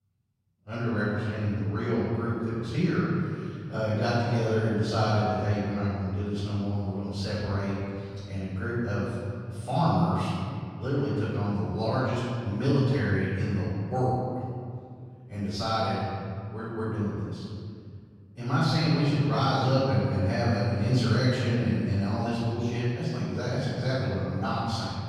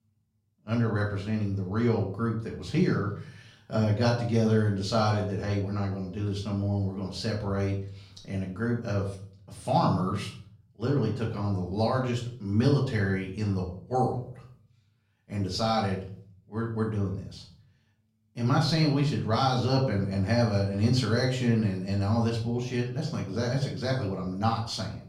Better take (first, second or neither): second